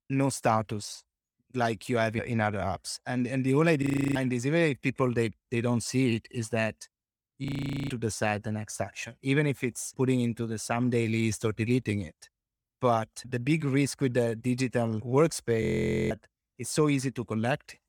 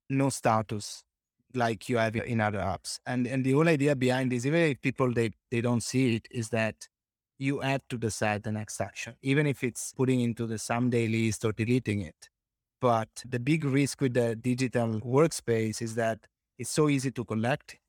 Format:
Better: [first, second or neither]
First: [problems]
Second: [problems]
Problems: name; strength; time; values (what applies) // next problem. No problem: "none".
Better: second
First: audio freezing; at 4 s, at 7.5 s and at 16 s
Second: none